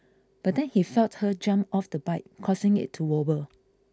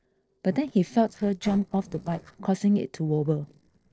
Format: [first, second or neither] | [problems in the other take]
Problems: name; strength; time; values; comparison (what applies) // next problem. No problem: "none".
first | noise reduction (neural separator model SepFormer DNS4)